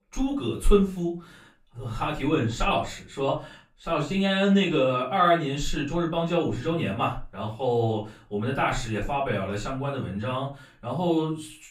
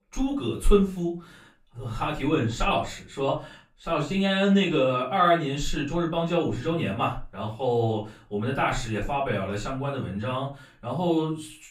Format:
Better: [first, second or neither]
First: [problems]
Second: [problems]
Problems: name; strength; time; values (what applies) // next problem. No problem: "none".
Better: neither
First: off-mic speech; far // room echo; slight; dies away in 0.3 s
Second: off-mic speech; far // room echo; slight; dies away in 0.3 s